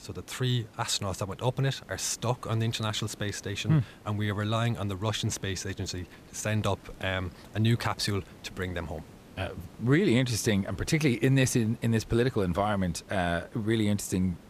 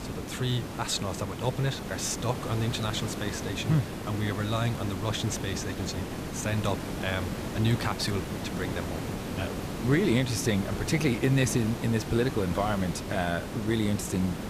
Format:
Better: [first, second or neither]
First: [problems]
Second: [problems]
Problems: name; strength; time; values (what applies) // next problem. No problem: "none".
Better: first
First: hiss; faint; throughout; 25 dB below the speech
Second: hiss; loud; throughout; 6 dB below the speech